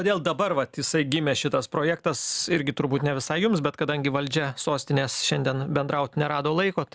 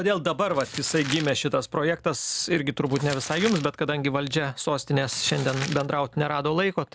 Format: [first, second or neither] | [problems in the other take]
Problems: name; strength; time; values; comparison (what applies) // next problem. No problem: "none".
first | background sound (Crumpling, crinkling); 14 dB below the speech